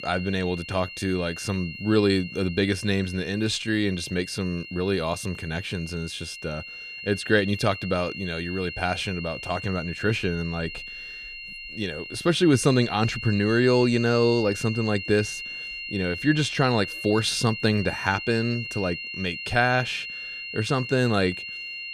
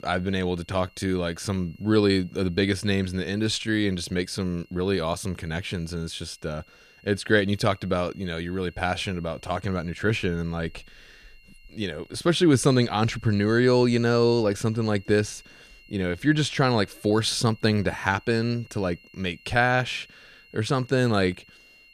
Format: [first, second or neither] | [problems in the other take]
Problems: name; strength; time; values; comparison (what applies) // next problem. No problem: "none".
second | high-pitched whine; loud; throughout; 3 kHz, 9 dB below the speech; faint in the second